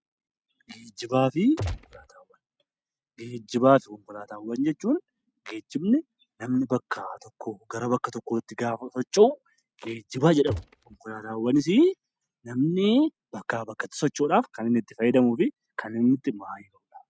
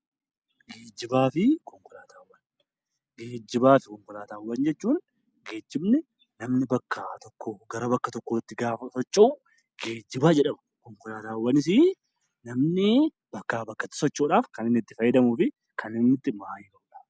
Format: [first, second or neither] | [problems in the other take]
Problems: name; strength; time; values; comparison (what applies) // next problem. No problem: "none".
second | noise reduction (neural mask model RNNoise)